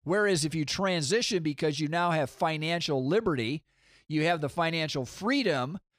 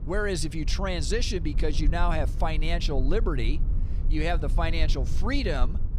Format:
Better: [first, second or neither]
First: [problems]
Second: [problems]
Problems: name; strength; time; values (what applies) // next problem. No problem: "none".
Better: first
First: none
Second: low rumble; noticeable; throughout; 15 dB below the speech